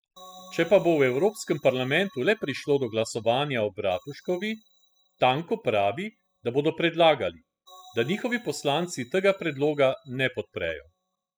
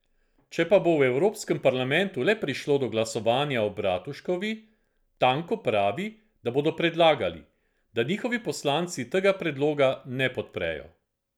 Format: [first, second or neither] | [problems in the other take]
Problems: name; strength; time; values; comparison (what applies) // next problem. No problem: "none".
second | noise reduction (classical method spectral subtraction)